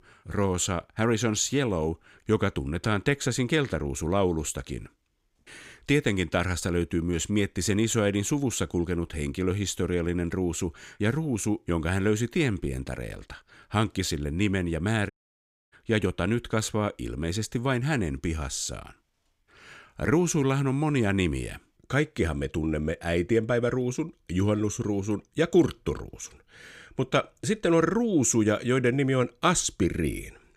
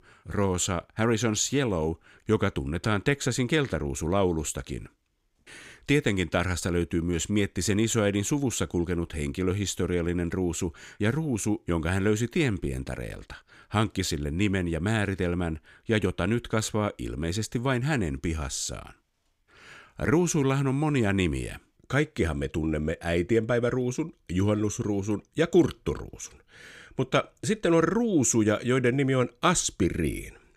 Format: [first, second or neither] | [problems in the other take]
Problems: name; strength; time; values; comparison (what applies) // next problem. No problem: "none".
second | audio cutting out; at 15 s for 0.5 s